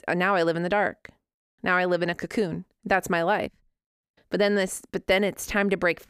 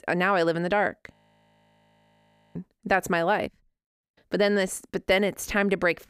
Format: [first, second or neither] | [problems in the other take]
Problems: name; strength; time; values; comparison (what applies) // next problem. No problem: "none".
first | audio freezing; at 1 s for 1.5 s